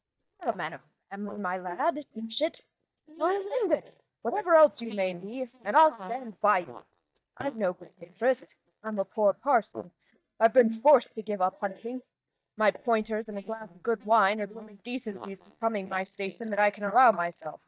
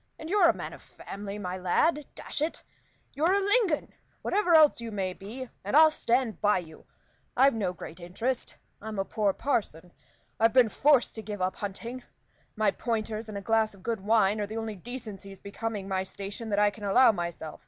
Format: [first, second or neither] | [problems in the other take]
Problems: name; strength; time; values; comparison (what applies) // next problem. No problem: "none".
second | noise reduction (neural mask model DeepFilterNet 3)